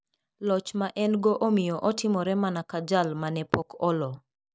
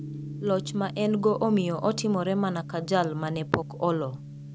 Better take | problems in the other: first | background sound (Gong); 11 dB below the speech

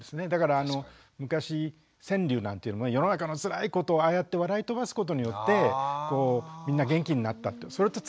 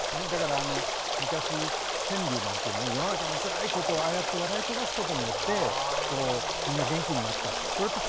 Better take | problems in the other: first | background sound (Stream); 3 dB above the speech

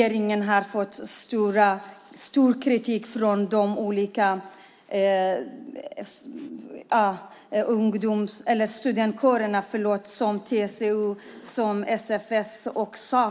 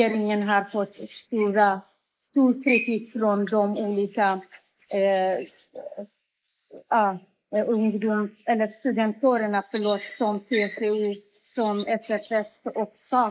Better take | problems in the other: first | noise reduction (neural mask model Resemble Enhance denoiser)

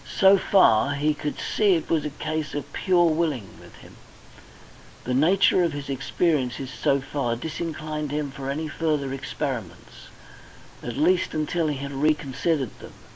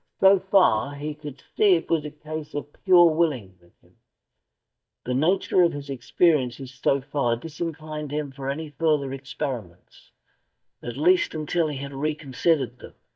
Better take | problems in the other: first | noise reduction (neural mask model DeepFilterNet 3)

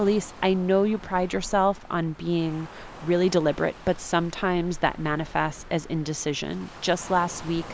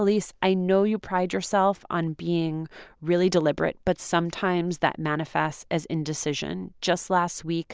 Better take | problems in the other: second | background sound (Cricket / Motor vehicle (road) + Waves, surf); 16 dB below the speech

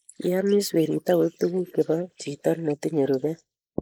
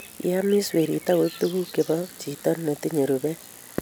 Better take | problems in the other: second | noise reduction (neural mask model Resemble Enhance denoiser)

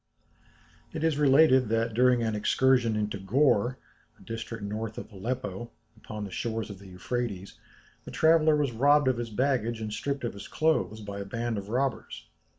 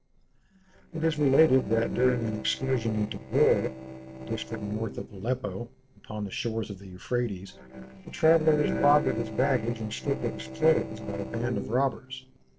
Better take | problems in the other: first | noise reduction (neural separator model SepFormer DNS4)

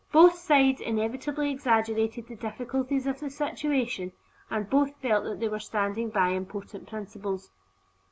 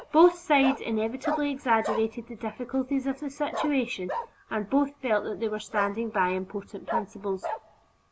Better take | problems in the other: first | background sound (Bark); 10 dB below the speech

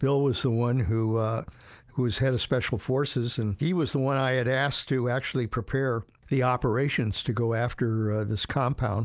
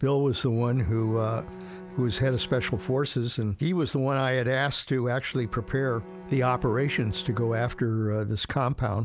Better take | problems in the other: first | background sound (Bowed string instrument); 18 dB below the speech

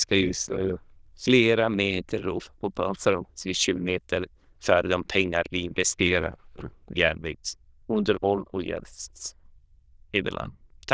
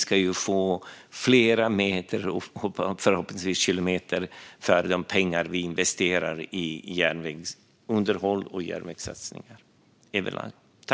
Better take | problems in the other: second | noise reduction (neural diffusion model UNIVERSE++)

